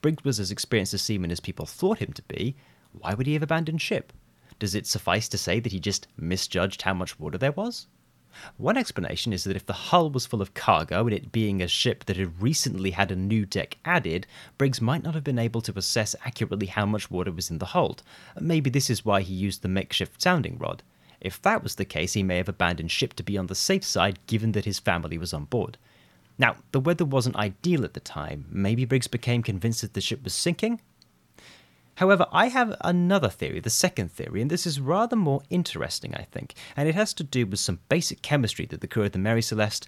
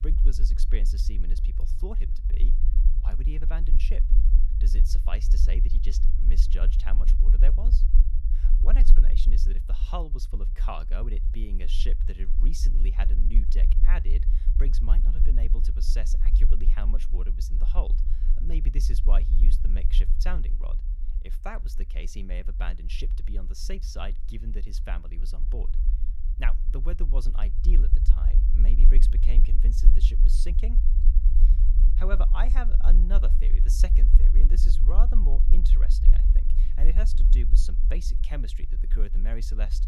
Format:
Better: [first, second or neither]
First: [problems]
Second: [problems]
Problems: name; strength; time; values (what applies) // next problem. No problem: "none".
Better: first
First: none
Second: low rumble; loud; throughout; 7 dB below the speech